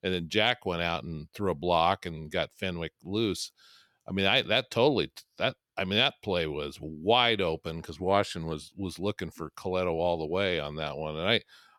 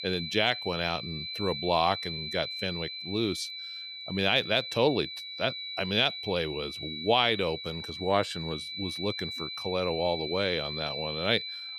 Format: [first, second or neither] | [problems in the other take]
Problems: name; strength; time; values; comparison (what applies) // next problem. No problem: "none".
first | high-pitched whine; loud; throughout; 4 kHz, 6 dB below the speech